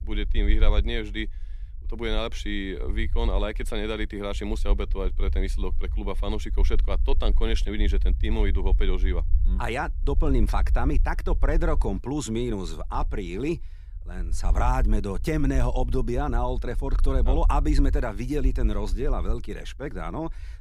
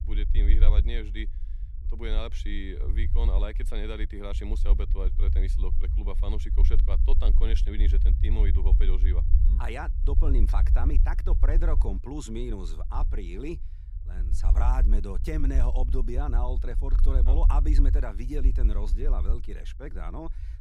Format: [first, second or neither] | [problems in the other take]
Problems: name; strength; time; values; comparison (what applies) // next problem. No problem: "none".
first | low rumble; loud; throughout; 9 dB below the speech; faint in the first